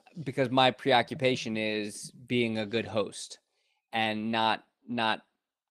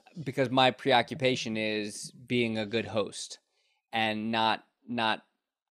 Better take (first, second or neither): second